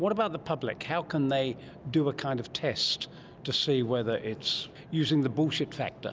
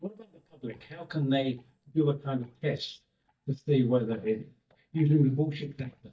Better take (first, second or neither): first